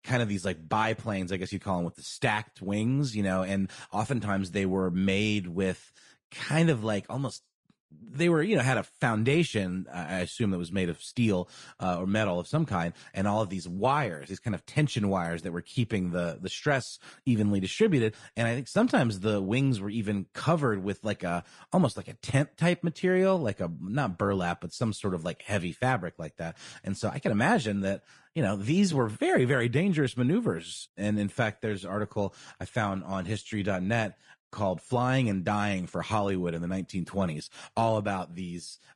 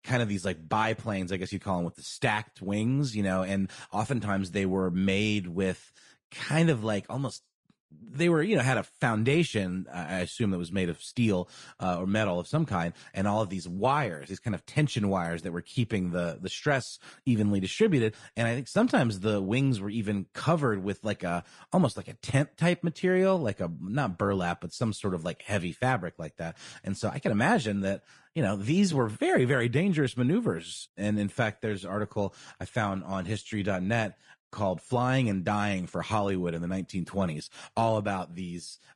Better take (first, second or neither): neither